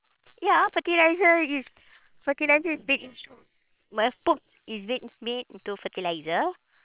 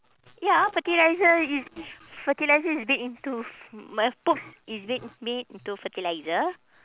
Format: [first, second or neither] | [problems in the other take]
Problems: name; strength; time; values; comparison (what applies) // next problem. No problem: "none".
second | noise reduction (neural separator model SepFormer WHAM!)